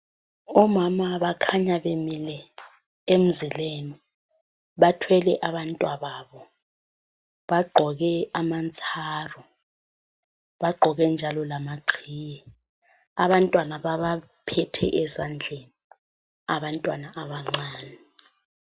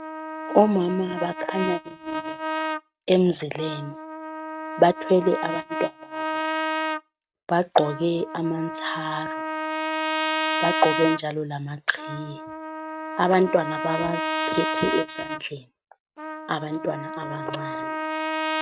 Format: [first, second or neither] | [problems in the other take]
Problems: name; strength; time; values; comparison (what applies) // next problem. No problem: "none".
first | noise reduction (neural mask model RNNoise)